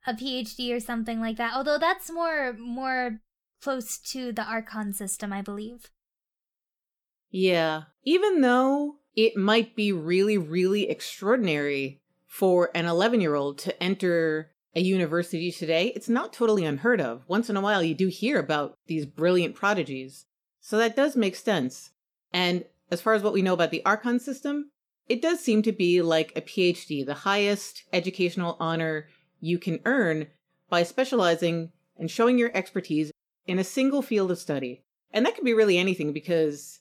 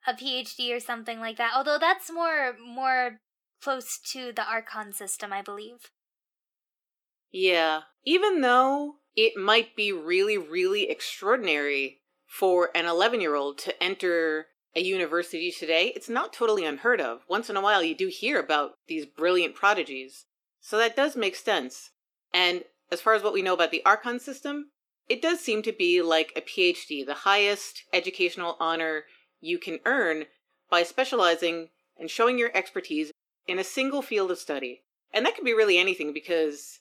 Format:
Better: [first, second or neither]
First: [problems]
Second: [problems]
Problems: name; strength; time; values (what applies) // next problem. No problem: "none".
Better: first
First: none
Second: thin; somewhat; fading below 300 Hz